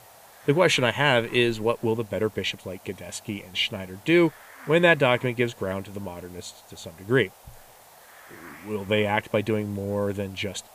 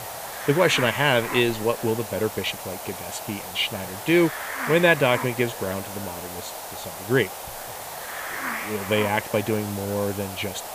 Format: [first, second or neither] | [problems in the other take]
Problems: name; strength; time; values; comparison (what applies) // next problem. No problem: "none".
first | hiss; loud; throughout; 8 dB below the speech; faint in the first